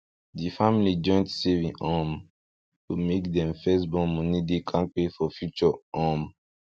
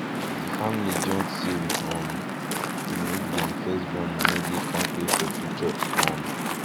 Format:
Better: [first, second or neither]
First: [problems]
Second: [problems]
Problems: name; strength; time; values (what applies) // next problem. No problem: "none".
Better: first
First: none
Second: background sound (Waves, surf); 4 dB above the speech